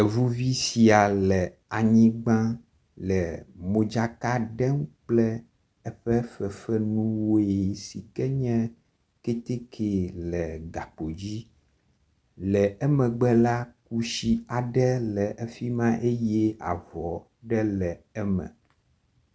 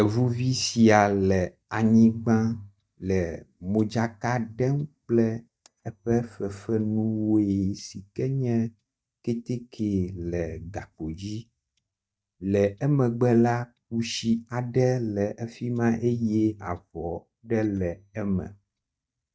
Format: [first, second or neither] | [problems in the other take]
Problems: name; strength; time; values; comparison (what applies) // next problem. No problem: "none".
first | noise reduction (neural mask model DeepFilterNet 3)